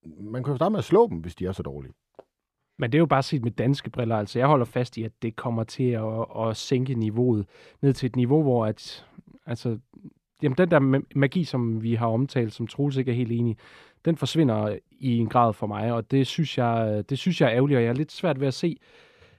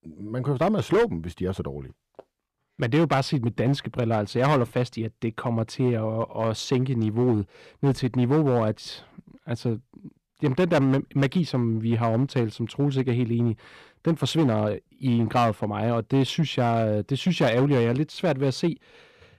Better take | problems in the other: first | distortion; slight; 5% of the sound clipped

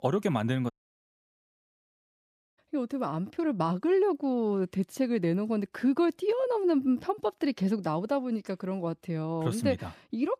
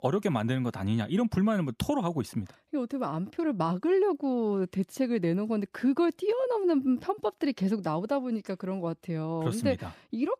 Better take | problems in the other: second | audio cutting out; at 0.5 s for 2 s

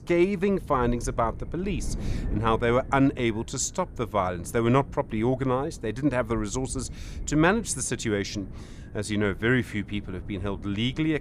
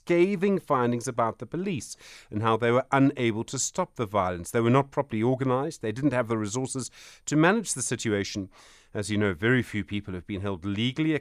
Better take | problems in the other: second | wind noise on the microphone; occasional gusts; 20 dB below the speech

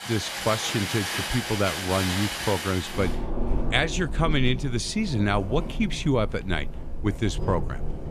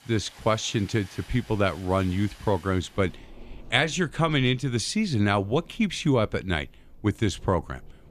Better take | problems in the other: second | rain or running water; loud; throughout; 5 dB below the speech; faint in the second

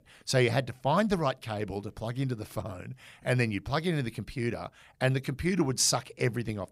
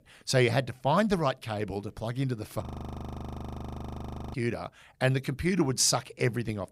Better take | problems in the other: first | audio freezing; at 2.5 s for 1.5 s

